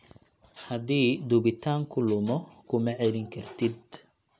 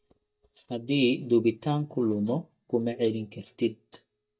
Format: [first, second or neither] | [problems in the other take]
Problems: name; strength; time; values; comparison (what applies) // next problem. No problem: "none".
first | noise reduction (neural mask model DeepFilterNet 3)